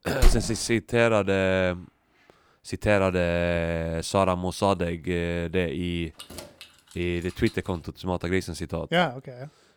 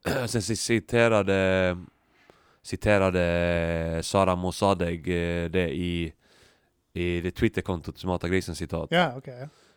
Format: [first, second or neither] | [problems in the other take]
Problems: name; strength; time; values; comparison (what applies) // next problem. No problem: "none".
second | door banging; noticeable; at the start; peak level with the speech // jangling keys; faint; from 6 to 8 s; peak 15 dB below the speech